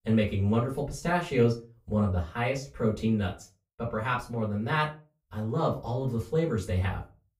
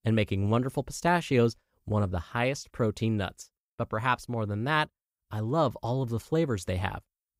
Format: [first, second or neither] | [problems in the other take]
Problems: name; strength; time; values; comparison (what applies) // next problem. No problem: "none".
second | off-mic speech; far // room echo; very slight; dies away in 0.3 s